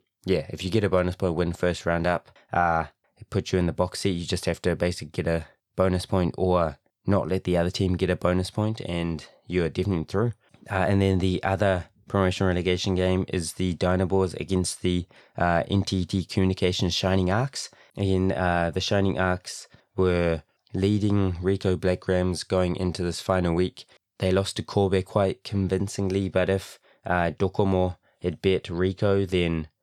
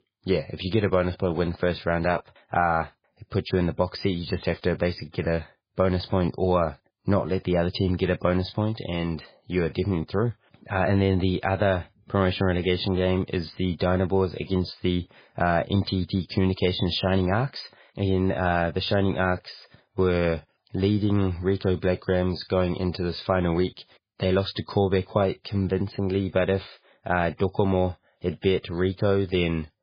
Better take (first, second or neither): first